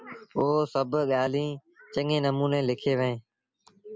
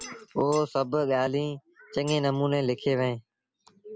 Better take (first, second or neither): first